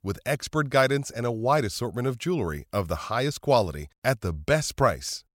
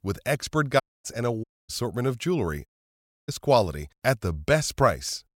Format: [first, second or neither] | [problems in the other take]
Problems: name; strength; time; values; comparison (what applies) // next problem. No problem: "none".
first | audio cutting out; at 1 s, at 1.5 s and at 2.5 s for 0.5 s